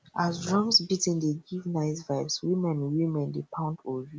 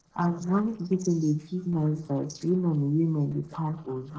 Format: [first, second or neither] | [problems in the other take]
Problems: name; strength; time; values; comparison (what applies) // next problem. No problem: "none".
first | noise reduction (neural separator model SepFormer DNS4)